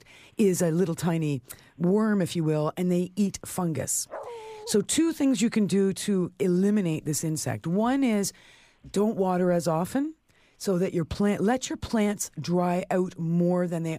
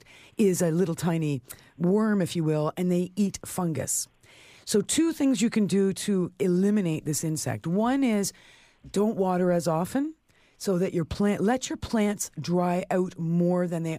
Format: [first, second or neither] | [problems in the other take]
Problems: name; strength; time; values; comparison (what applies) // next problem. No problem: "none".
second | dog barking; faint; at 4 s; peak 15 dB below the speech